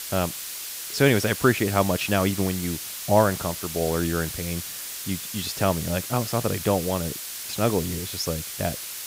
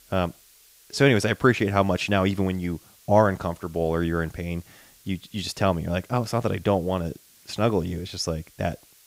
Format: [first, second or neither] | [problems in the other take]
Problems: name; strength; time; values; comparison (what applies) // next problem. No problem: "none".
second | hiss; loud; throughout; 6 dB below the speech; faint in the second